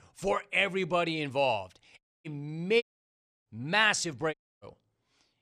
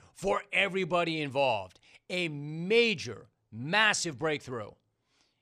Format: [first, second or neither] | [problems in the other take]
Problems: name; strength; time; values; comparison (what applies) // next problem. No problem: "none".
second | audio cutting out; at 2 s, at 3 s for 0.5 s and at 4.5 s